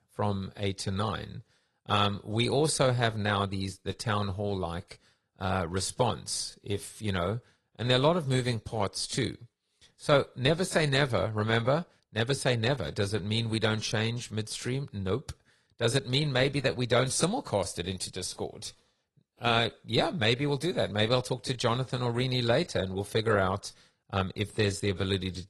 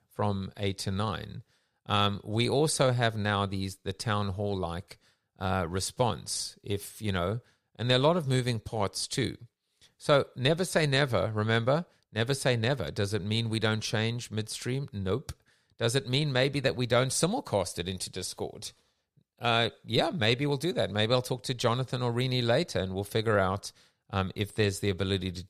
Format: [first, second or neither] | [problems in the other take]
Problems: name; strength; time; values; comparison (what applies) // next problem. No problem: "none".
second | garbled, watery; slightly